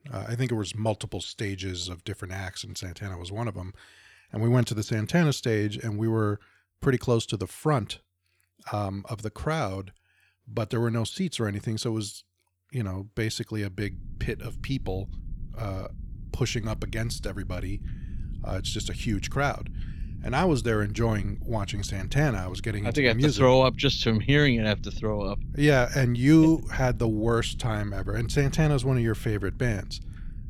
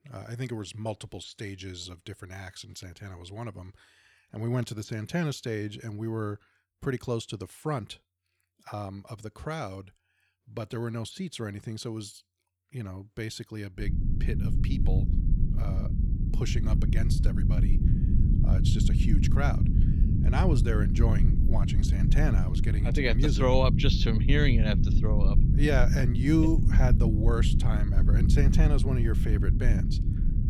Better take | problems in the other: first | low rumble; loud; from 14 s on; 4 dB below the speech; faint in the first

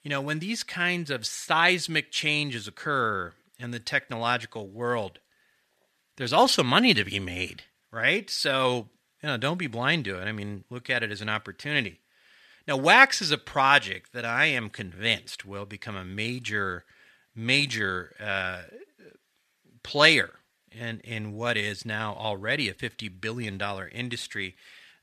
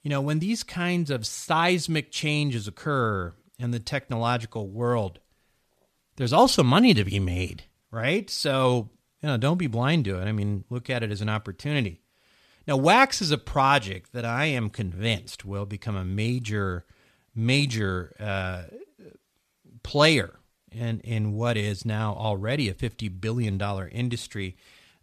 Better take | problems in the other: second | thin; somewhat; fading below 300 Hz

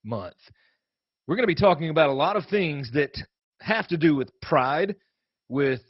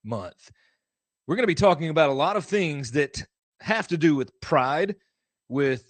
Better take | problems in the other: second | garbled, watery; badly; nothing above 5.5 kHz; slightly in the second

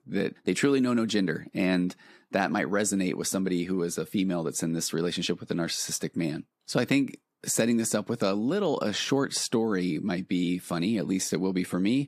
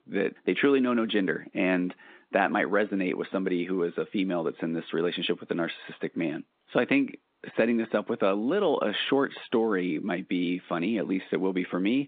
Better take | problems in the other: first | phone-call audio; nothing above 3.5 kHz

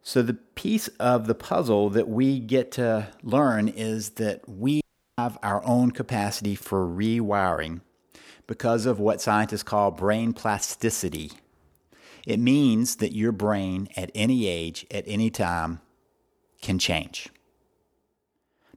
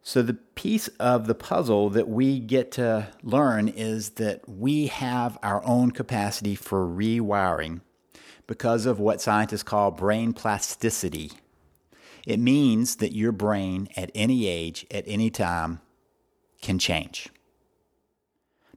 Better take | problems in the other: second | audio cutting out; at 5 s

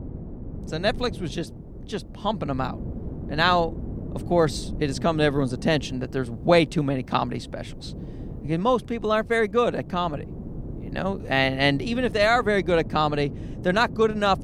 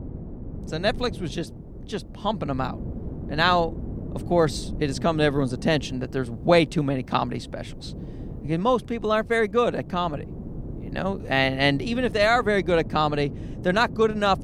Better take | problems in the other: neither | wind noise on the microphone; occasional gusts; 20 dB below the speech; the same in both

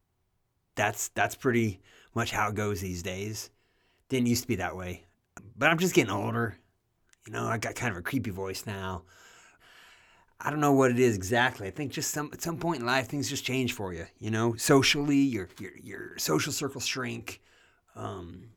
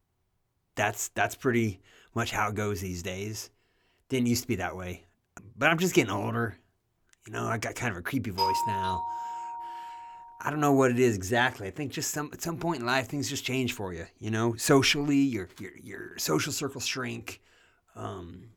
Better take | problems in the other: first | doorbell; loud; from 8.5 to 10 s; peak 1 dB above the speech

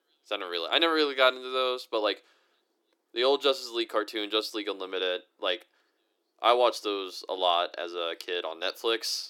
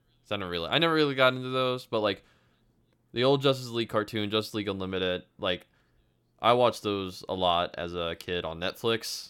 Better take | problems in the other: second | thin; somewhat; fading below 350 Hz

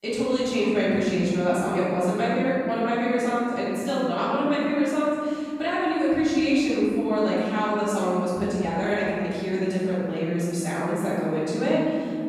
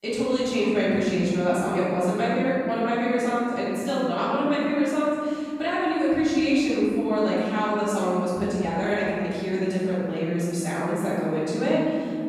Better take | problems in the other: neither | room echo; strong; dies away in 3 s; the same in both // off-mic speech; far; the same in both

